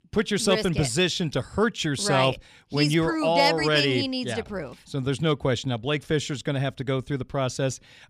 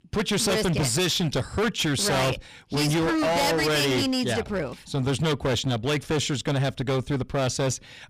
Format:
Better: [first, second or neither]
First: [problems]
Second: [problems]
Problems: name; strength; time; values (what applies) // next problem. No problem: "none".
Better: first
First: none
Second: distortion; heavy; 26% of the sound clipped